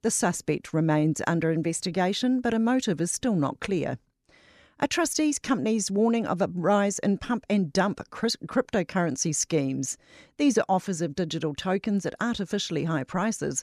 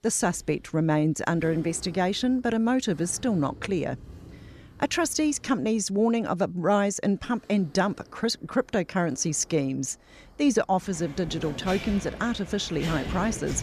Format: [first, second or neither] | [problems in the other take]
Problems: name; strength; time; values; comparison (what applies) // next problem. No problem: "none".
first | household noises; noticeable; throughout; 15 dB below the speech